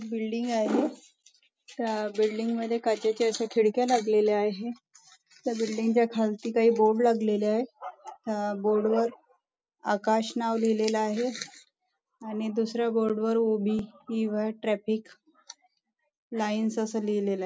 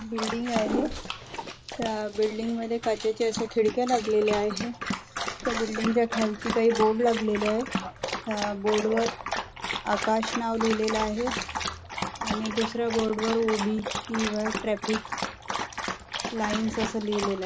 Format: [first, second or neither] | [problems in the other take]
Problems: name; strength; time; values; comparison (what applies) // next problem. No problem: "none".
first | background sound (Dog); 6 dB below the speech